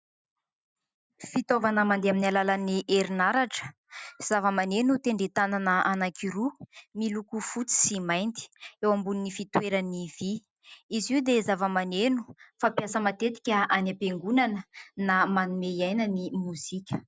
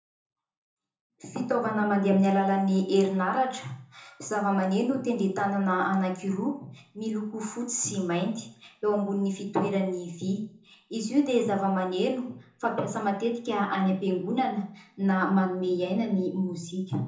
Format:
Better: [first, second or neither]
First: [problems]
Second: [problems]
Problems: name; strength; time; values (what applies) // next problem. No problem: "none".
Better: first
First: none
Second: room echo; dies away in 0.5 s